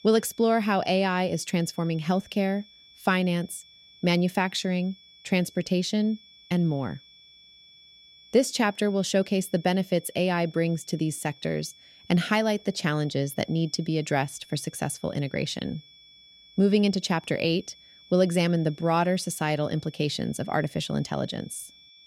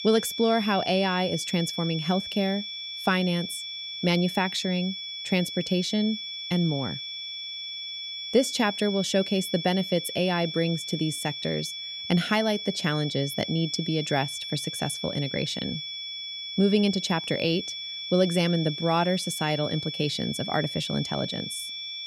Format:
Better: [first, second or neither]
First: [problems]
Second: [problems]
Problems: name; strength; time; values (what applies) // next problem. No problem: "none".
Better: first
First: high-pitched whine; faint; throughout; 3.5 kHz, 25 dB below the speech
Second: high-pitched whine; loud; throughout; 3.5 kHz, 6 dB below the speech